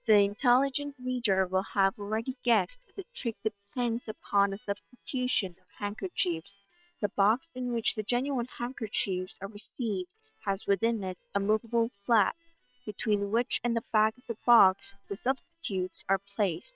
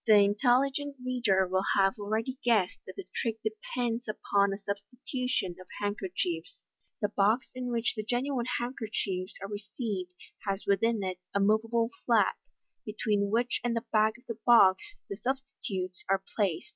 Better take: second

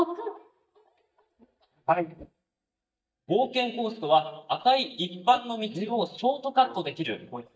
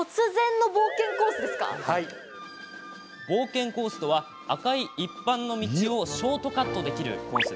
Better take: second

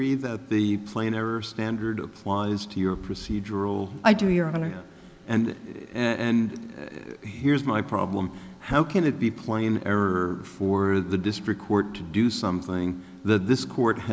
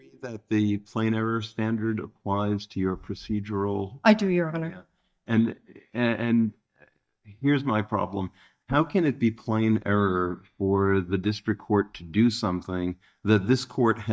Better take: first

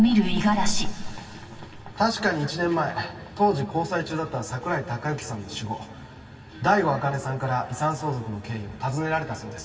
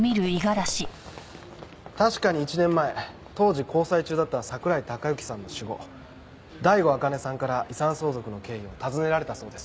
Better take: second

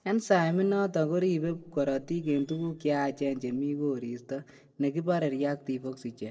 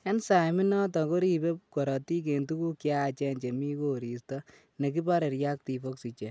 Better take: second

